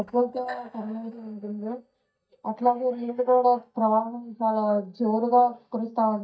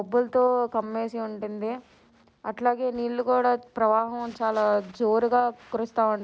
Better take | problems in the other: second | noise reduction (neural mask model DeepFilterNet 3)

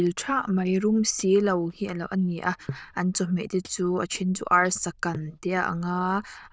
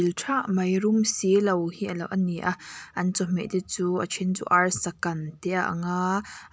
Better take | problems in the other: second | noise reduction (neural diffusion model UNIVERSE++)

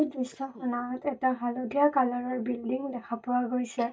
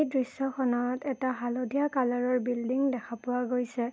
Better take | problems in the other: second | noise reduction (neural mask model DeepFilterNet 3)

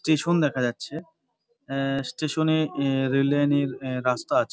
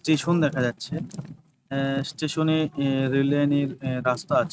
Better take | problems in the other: first | noise reduction (neural mask model RNNoise)

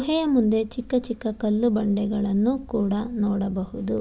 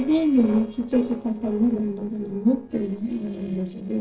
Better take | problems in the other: first | noise reduction (neural separator model SepFormer DNS4)

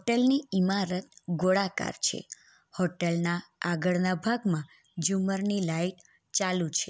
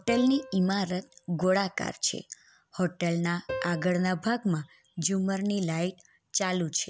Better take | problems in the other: first | background sound (Piano); 15 dB below the speech

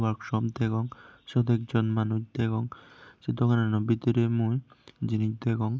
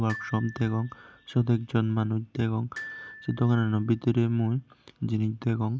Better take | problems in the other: first | background sound (Glockenspiel); 19 dB below the speech

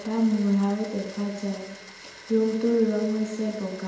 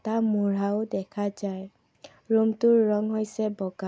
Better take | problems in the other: second | background sound (Domestic sounds, home sounds); 19 dB below the speech // room echo; dies away in 0.9 s

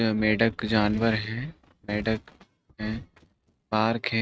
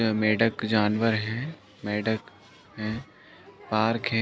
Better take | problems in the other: second | noise reduction (neural mask model RNNoise)

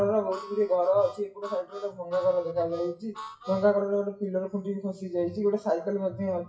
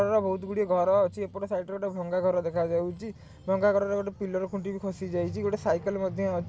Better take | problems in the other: second | noise reduction (classical method WPE with log-MMSE)

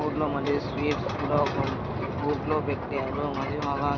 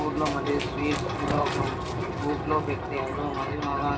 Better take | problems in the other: first | background sound (Run); 12 dB below the speech // room echo; dies away in 0.4 s

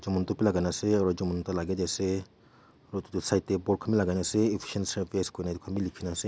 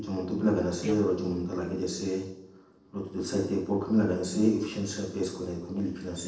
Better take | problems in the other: first | noise reduction (neural separator model SepFormer DNS4)

